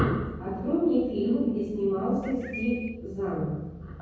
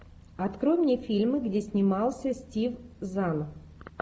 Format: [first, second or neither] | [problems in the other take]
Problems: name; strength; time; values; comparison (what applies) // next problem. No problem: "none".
second | background sound (Bird); 13 dB below the speech // room echo; dies away in 1.3 s